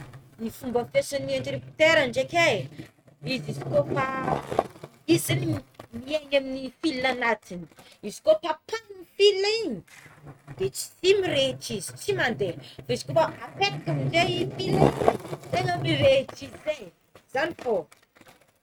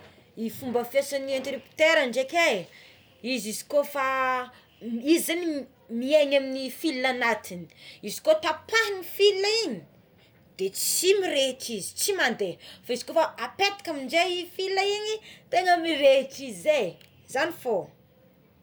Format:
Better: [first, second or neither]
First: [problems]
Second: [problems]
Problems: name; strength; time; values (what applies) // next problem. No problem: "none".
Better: second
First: noise reduction (neural mask model RNNoise)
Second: none